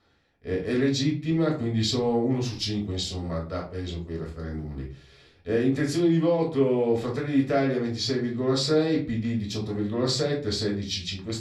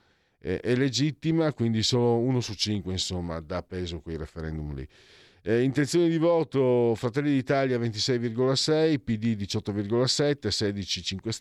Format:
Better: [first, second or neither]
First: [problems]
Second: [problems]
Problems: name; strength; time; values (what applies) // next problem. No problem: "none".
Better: second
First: off-mic speech; somewhat distant // room echo; very slight; dies away in 0.3 s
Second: none